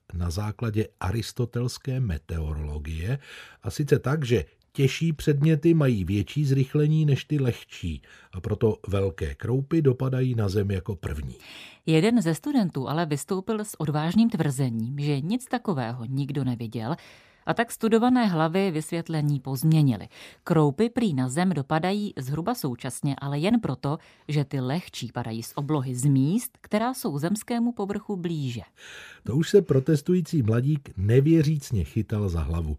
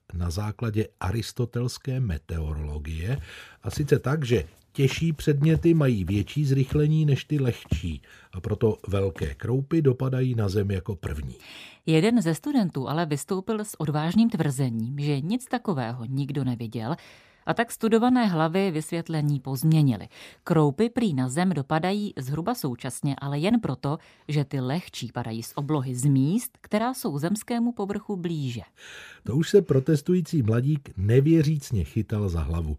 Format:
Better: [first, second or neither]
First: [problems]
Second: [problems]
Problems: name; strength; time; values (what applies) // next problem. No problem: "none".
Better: first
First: none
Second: footsteps; noticeable; from 3 to 9.5 s; peak 7 dB below the speech